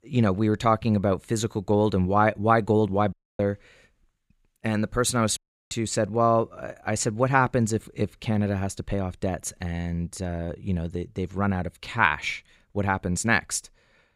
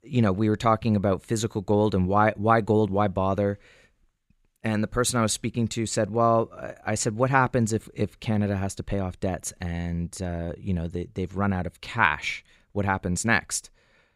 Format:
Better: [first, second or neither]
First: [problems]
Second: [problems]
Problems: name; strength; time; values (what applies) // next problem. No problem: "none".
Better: second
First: audio cutting out; at 3 s and at 5.5 s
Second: none